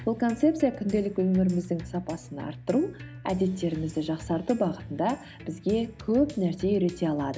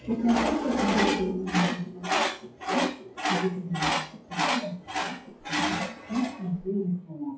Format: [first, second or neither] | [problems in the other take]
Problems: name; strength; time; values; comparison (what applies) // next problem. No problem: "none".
first | noise reduction (classical method WPE with log-MMSE)